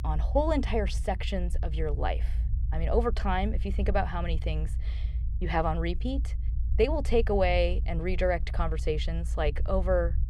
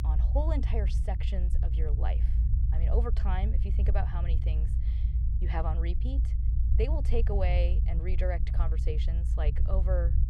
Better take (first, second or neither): first